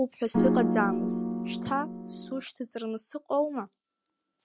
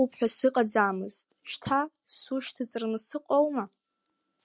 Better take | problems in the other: second | background sound (Piano); 4 dB above the speech

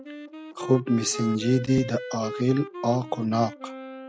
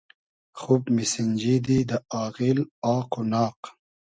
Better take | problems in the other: second | background sound (Wind instrument, woodwind instrument); 11 dB below the speech

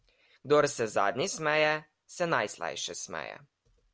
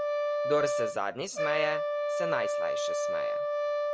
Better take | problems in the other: first | background sound (Brass instrument); 5 dB above the speech

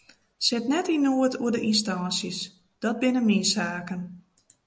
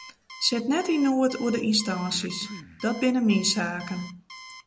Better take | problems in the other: first | background sound (Alarm + Breathing); 18 dB below the speech

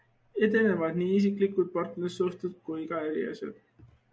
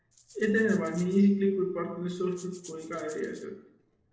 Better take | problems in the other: first | noise reduction (neural separator model SepFormer DNS4)

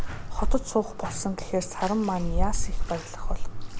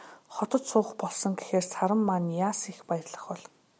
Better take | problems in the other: second | background sound (Bathtub (filling or washing)); 4 dB above the speech

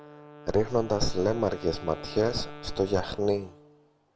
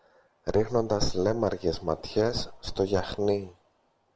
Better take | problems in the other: second | background sound (Wind instrument, woodwind instrument); 17 dB below the speech

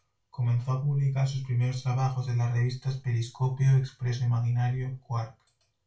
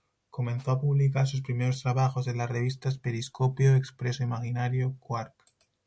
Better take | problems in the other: second | room echo; dies away in 0.3 s

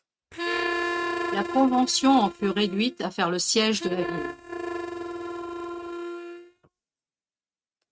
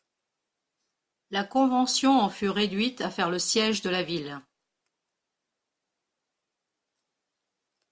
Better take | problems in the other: second | noise reduction (neural mask model RNNoise)

